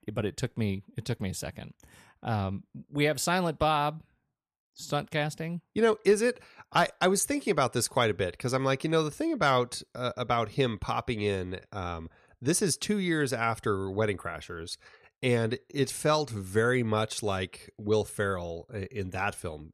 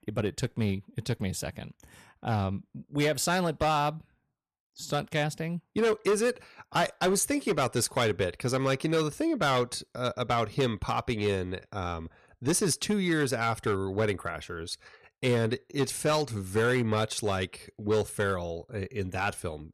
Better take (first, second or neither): first